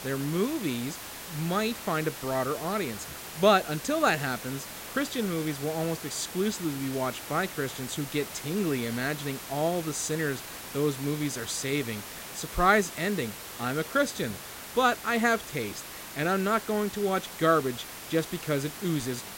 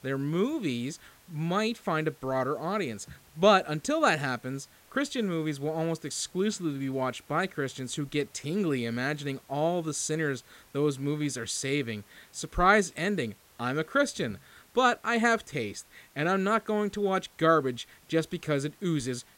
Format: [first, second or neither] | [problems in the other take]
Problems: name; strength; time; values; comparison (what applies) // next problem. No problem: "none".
second | hiss; loud; throughout; 10 dB below the speech; faint in the second